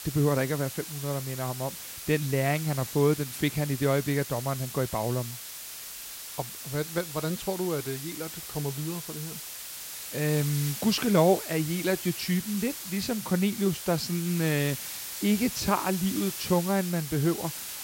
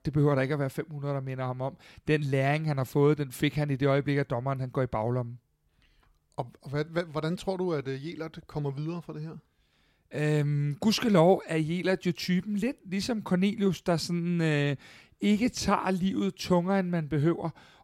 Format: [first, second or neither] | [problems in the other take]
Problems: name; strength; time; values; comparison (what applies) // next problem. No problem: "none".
second | hiss; loud; throughout; 8 dB below the speech